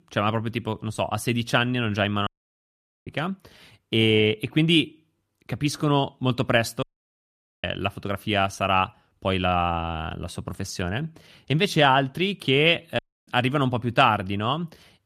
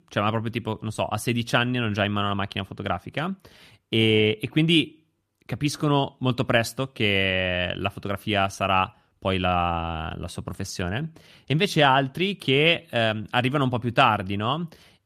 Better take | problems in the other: second | audio cutting out; at 2.5 s for 1 s, at 7 s for 1 s and at 13 s

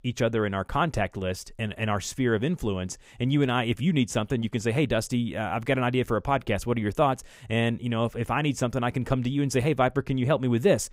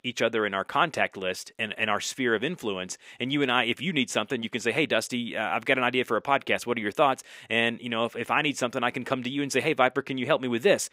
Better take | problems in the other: first | thin; very slightly; fading below 250 Hz

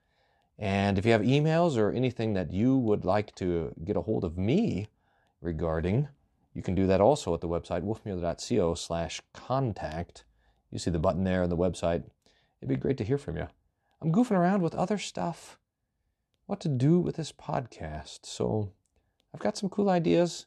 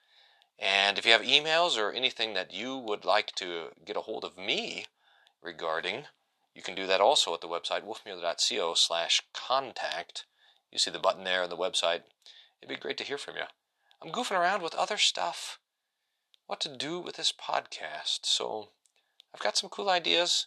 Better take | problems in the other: first | thin; very; fading below 950 Hz

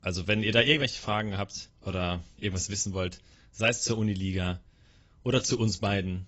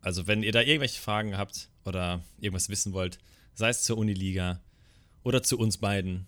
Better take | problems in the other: second | garbled, watery; badly; nothing above 7.5 kHz

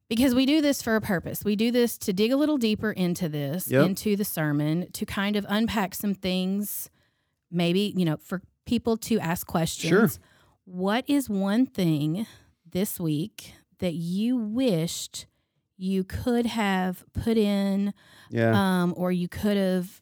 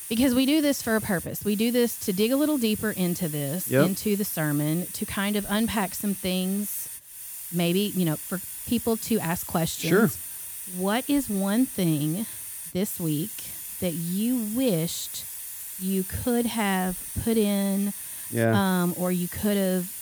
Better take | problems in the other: first | hiss; loud; throughout; 8 dB below the speech

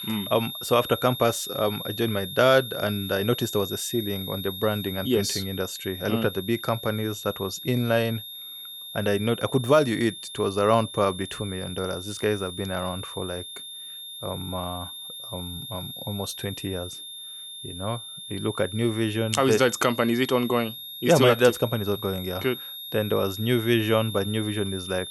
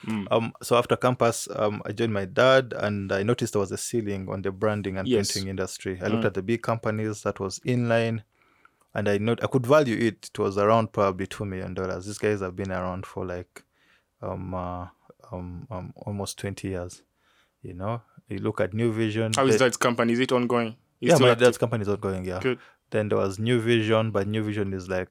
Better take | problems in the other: second | high-pitched whine; loud; throughout; 3.5 kHz, 10 dB below the speech

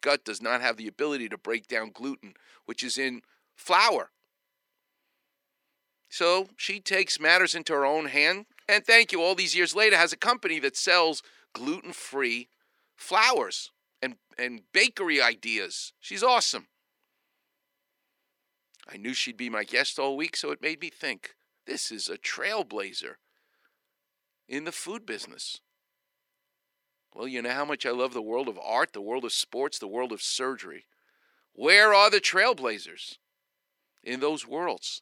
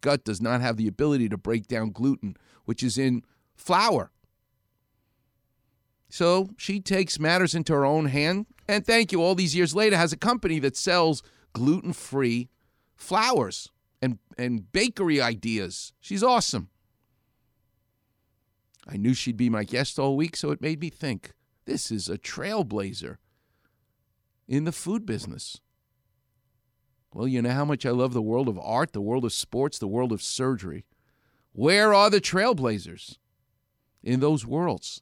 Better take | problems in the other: second | thin; somewhat; fading below 350 Hz

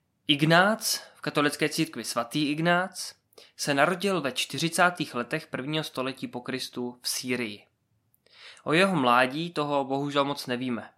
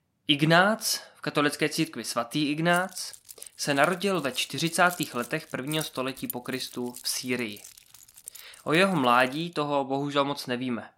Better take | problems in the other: first | jangling keys; faint; from 2.5 to 9.5 s; peak 10 dB below the speech

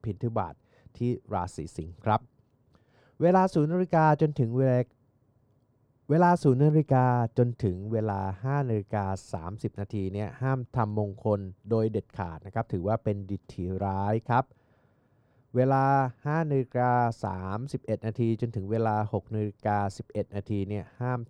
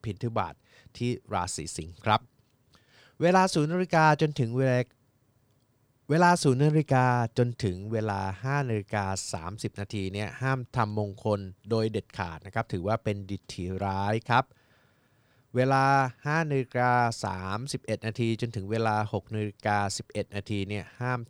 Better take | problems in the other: second | muffled; slightly; fading above 1.5 kHz

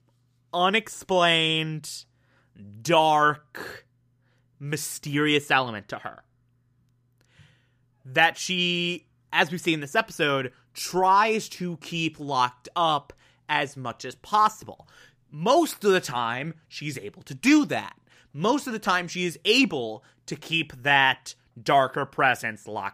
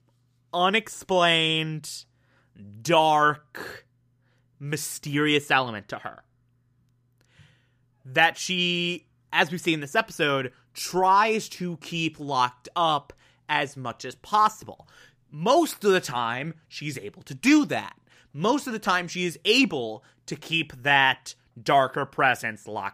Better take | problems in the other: neither | none

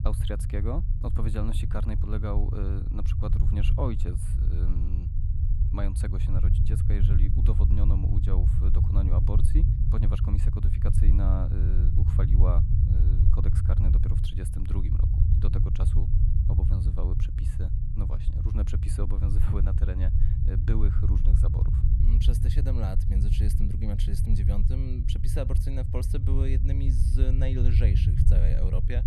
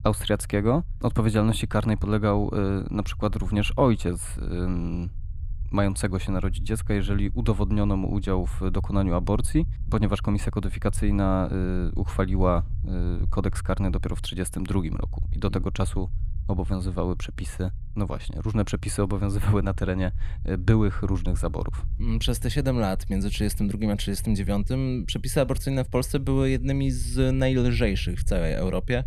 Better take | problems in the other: second | low rumble; loud; throughout; 1 dB below the speech; faint in the second

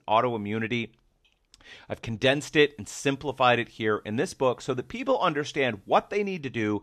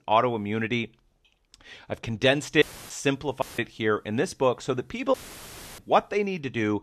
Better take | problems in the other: first | audio cutting out; filled with static; at 2.5 s, at 3.5 s and at 5 s for 0.5 s

